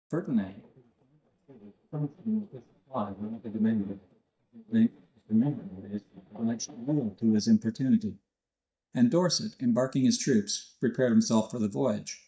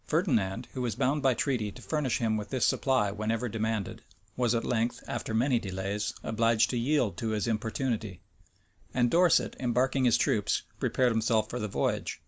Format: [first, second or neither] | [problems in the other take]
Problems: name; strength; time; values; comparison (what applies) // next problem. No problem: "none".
second | noise reduction (neural mask model DeepFilterNet 3)